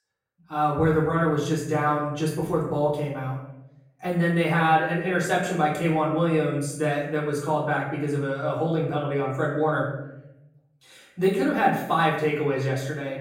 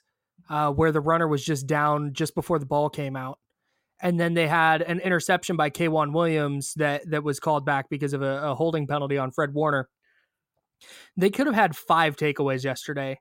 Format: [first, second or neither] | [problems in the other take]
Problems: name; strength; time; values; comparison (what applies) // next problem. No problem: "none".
second | off-mic speech; far // room echo; noticeable; dies away in 0.8 s